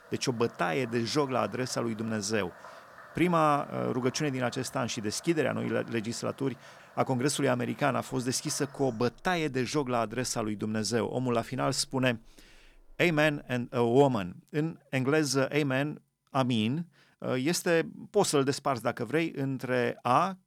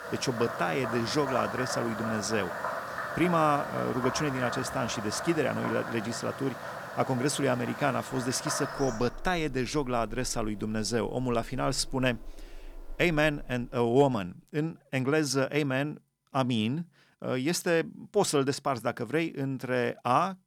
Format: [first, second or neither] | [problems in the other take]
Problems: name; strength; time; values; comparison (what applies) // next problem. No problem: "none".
first | animal sounds; loud; until 14 s; 7 dB below the speech; faint in the first